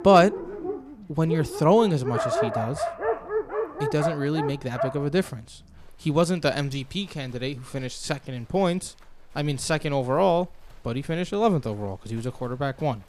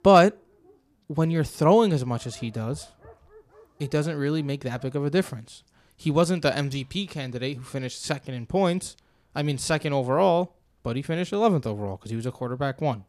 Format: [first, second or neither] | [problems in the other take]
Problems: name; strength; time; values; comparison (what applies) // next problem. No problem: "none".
second | animal sounds; loud; throughout; 4 dB below the speech; faint in the second